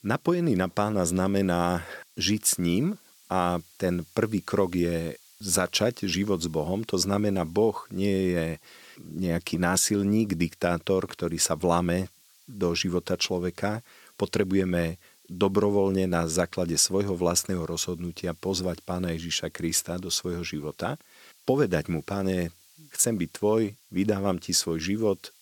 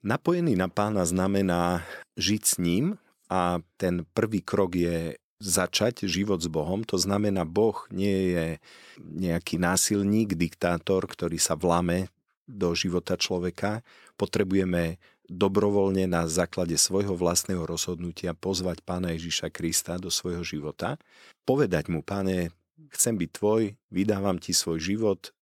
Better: second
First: hiss; faint; throughout; 30 dB below the speech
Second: none

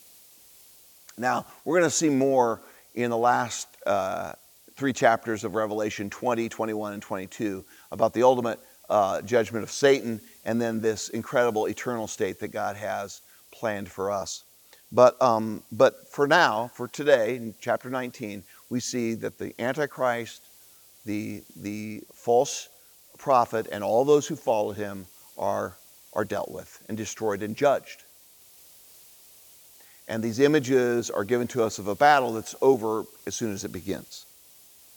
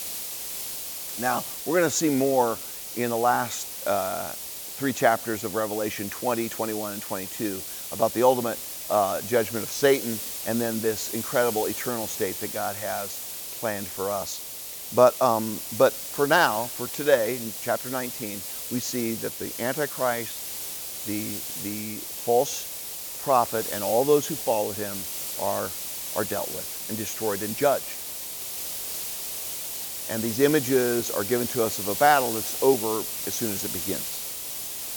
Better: first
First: hiss; faint; throughout; 25 dB below the speech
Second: hiss; loud; throughout; 5 dB below the speech

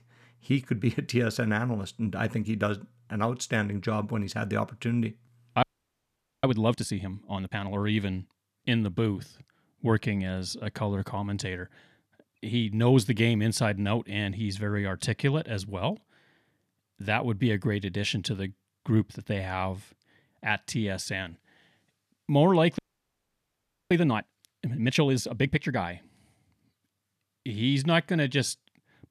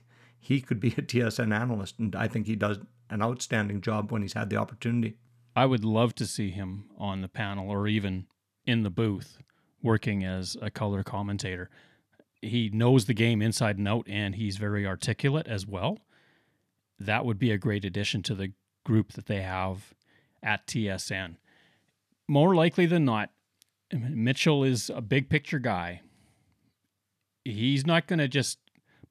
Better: second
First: audio freezing; at 5.5 s for 1 s and at 23 s for 1 s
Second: none

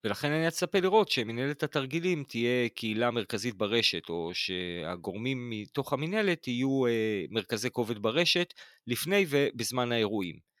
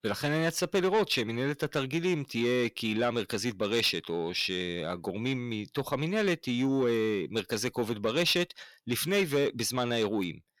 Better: first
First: none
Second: distortion; slight; 10 dB below the speech

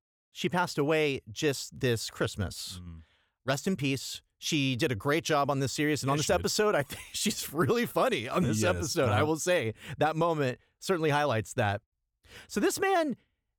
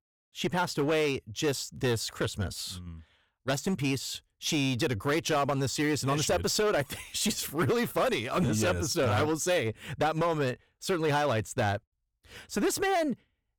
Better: first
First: none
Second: distortion; slight; 9% of the sound clipped

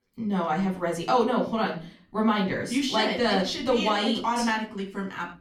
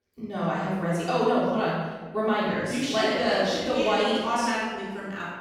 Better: first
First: room echo; slight; dies away in 0.4 s // off-mic speech; far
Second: room echo; strong; dies away in 1.2 s // off-mic speech; far

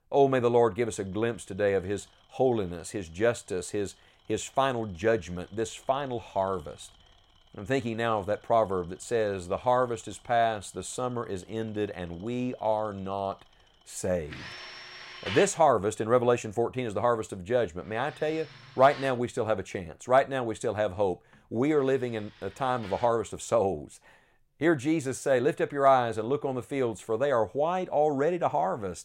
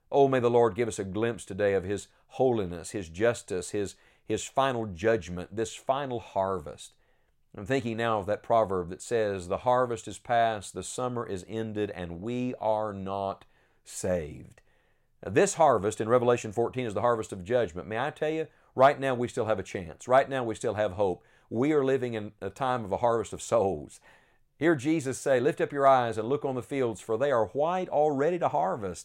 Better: second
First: machinery noise; noticeable; throughout; 20 dB below the speech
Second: none

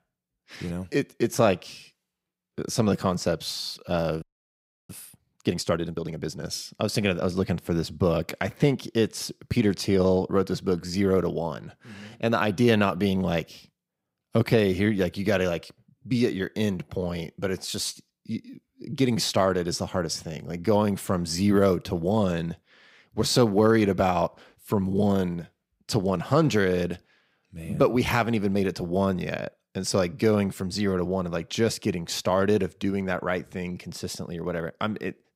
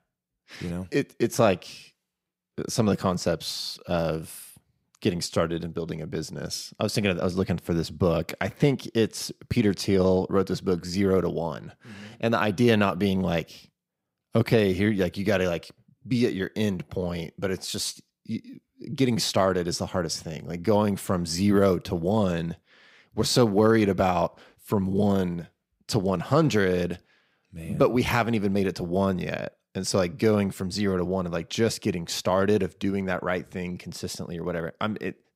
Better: second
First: audio freezing; at 4 s for 0.5 s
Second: none

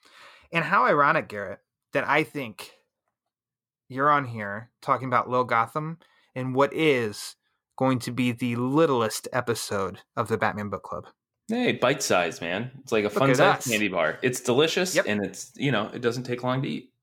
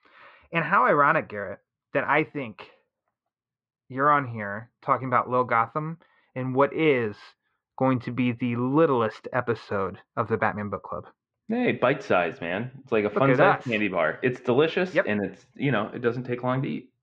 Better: first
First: none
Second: muffled; very; fading above 2.5 kHz

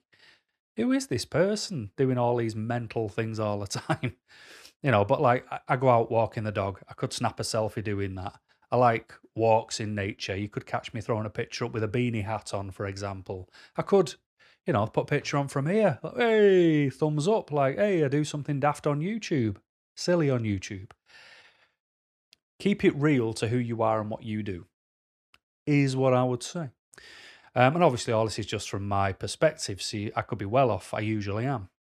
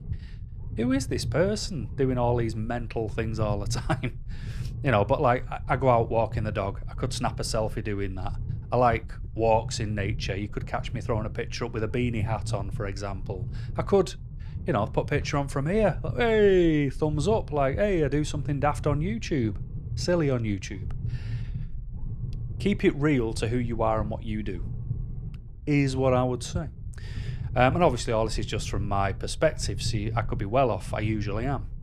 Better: first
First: none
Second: low rumble; faint; throughout; 20 dB below the speech

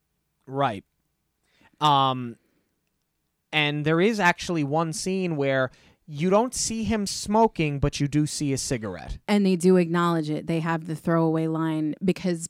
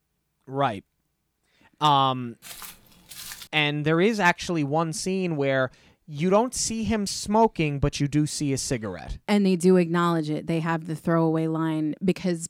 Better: first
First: none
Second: footsteps; faint; from 2.5 to 3.5 s; peak 15 dB below the speech

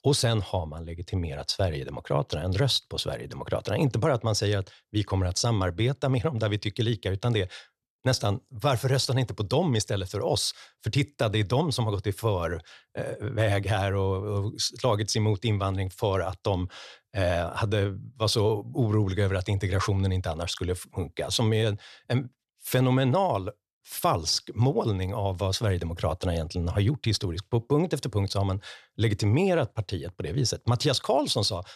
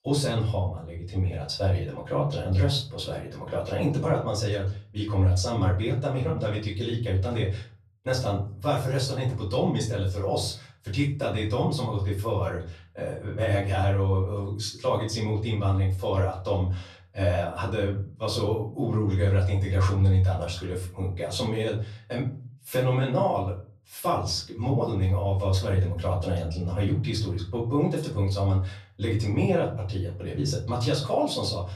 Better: first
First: none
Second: off-mic speech; far // room echo; slight; dies away in 0.4 s

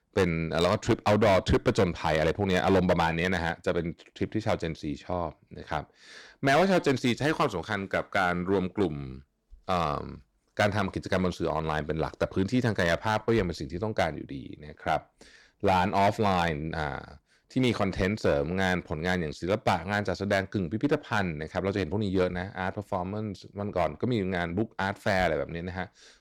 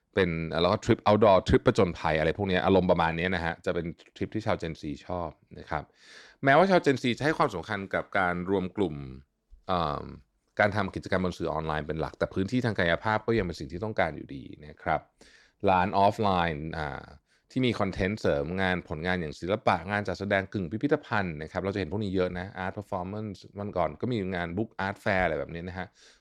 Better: second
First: distortion; slight; 4% of the sound clipped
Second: none

